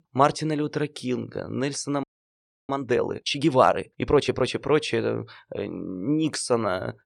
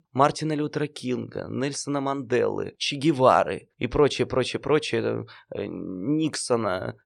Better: second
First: audio freezing; at 2 s for 0.5 s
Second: none

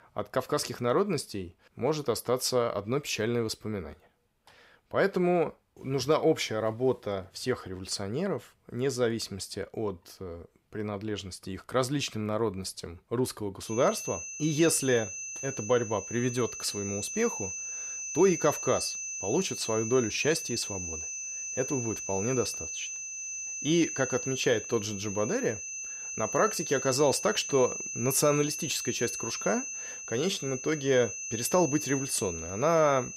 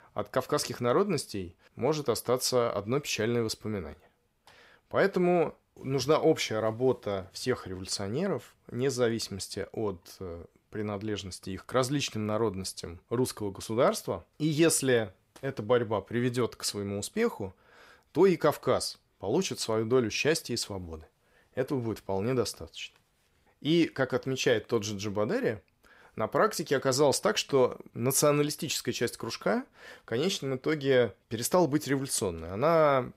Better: second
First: high-pitched whine; loud; from 14 s on; 6 kHz, 5 dB below the speech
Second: none

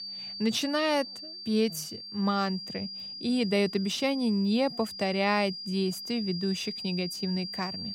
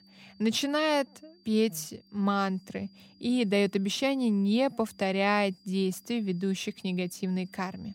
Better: second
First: high-pitched whine; loud; throughout; 5 kHz, 8 dB below the speech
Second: high-pitched whine; faint; throughout; 5 kHz, 30 dB below the speech

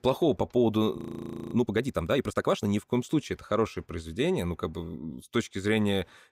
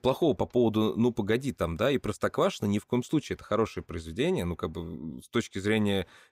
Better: second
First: audio freezing; at 1 s for 0.5 s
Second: none

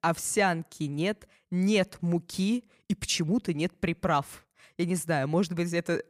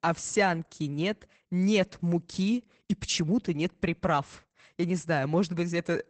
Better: first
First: none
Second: garbled, watery; badly; nothing above 8 kHz

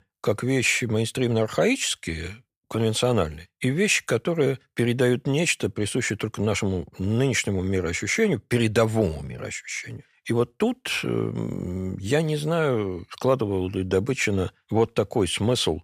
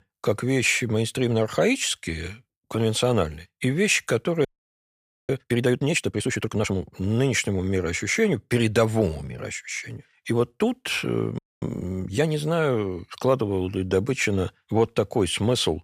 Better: first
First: none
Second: audio freezing; at 4.5 s for 1 s and at 11 s

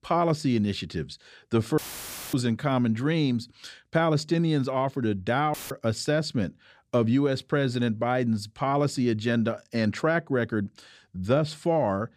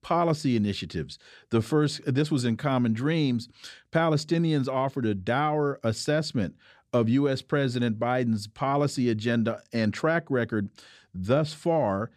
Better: second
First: audio cutting out; filled with static; at 2 s for 0.5 s and at 5.5 s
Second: none

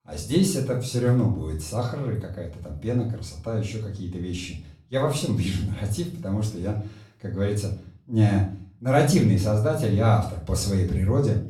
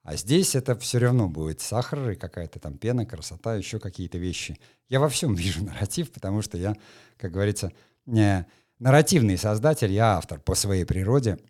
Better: second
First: off-mic speech; far // room echo; slight; dies away in 0.4 s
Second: none

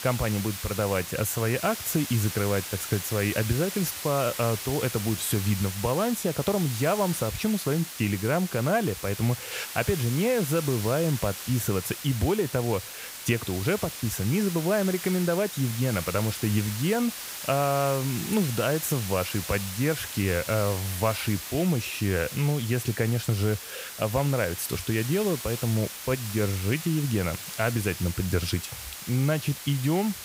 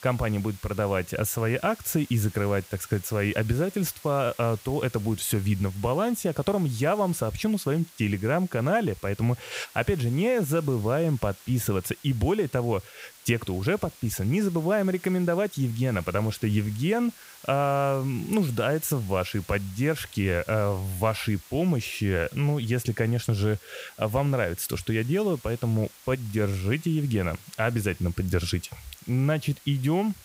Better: second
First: hiss; loud; throughout; 8 dB below the speech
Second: hiss; faint; throughout; 20 dB below the speech

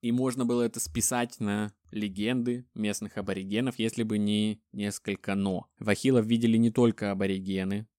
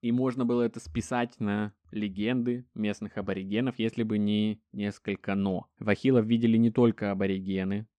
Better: first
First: none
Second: muffled; slightly; fading above 3 kHz

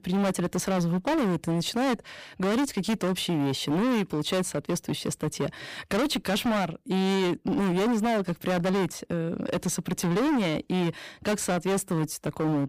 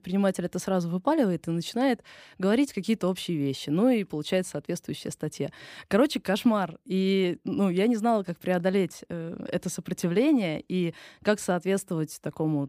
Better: second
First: distortion; heavy; 28% of the sound clipped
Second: none

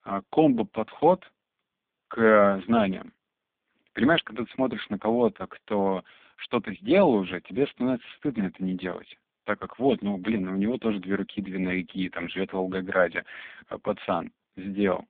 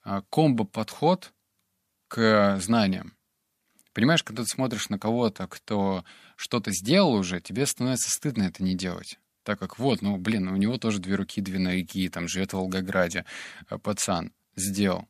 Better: second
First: phone-call audio; poor line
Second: none

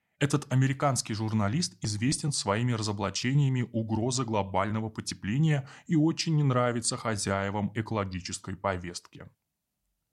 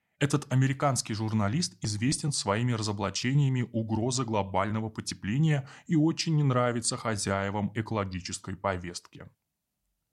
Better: neither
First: none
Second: none

